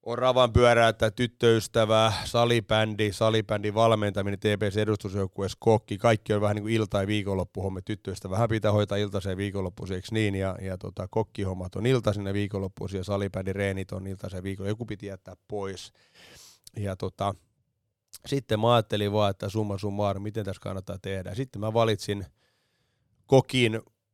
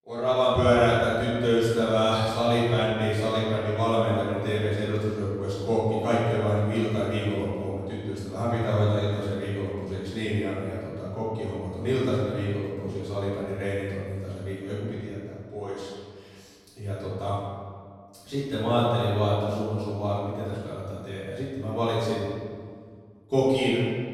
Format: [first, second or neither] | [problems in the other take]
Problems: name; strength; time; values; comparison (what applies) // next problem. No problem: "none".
first | room echo; strong; dies away in 1.7 s // off-mic speech; far